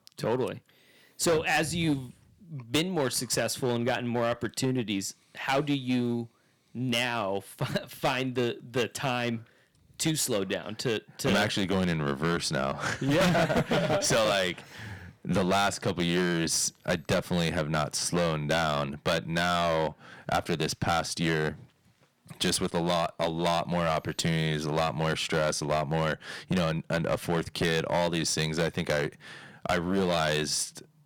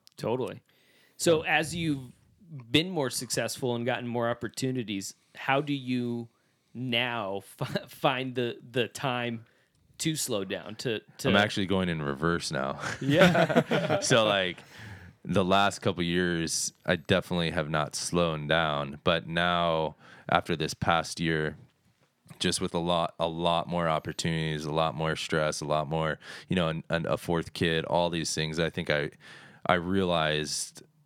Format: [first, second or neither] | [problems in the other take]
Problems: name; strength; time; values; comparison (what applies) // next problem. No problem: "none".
second | distortion; heavy; 8% of the sound clipped